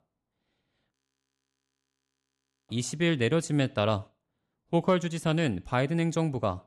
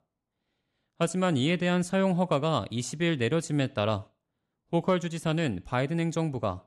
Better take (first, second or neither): second